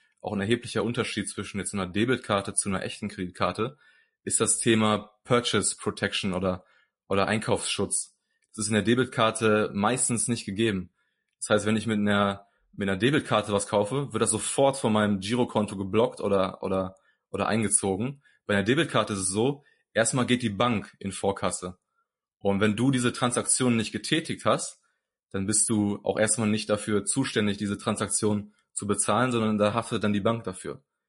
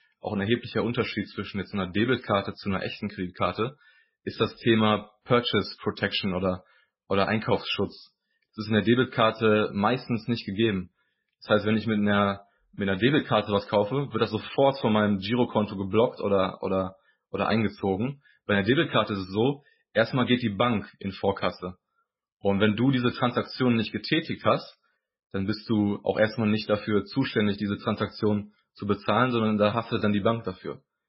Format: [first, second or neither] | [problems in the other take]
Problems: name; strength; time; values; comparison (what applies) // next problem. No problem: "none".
first | garbled, watery; badly; nothing above 5.5 kHz; slightly in the first